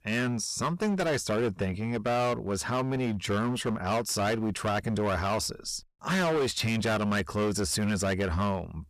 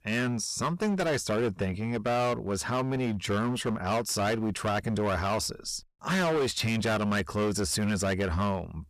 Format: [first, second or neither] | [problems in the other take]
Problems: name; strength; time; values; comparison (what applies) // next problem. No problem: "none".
neither | distortion; heavy; 19% of the sound clipped; the same in both